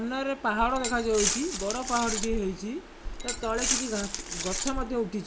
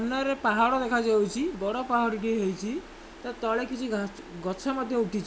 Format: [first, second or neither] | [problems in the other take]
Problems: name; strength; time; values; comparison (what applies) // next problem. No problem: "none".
second | background sound (Glass); 3 dB below the speech